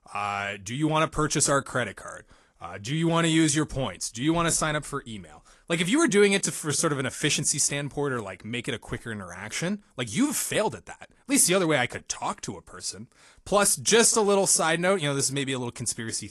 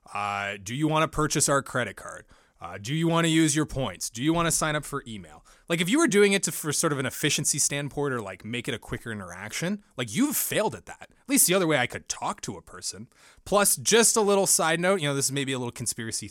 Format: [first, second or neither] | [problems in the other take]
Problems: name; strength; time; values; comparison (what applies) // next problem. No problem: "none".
second | garbled, watery; slightly; nothing above 11.5 kHz